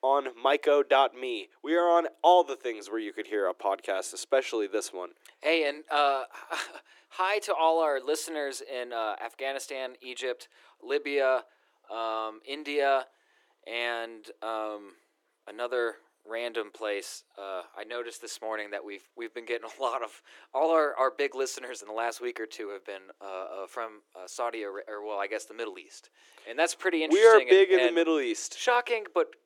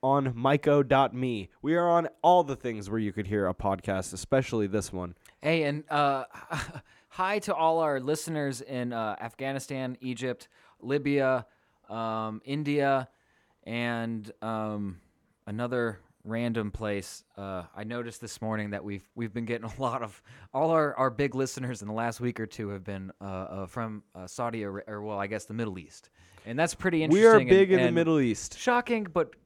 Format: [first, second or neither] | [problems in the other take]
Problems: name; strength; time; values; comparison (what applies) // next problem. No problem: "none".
second | thin; very; fading below 350 Hz